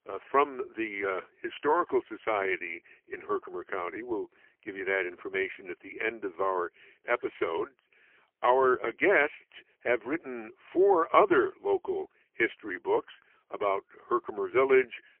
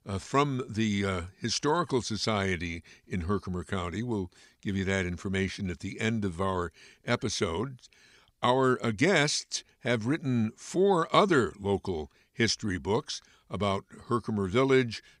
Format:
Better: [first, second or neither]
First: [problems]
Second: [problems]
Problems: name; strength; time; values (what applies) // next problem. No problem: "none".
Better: second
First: phone-call audio; poor line; nothing above 3 kHz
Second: none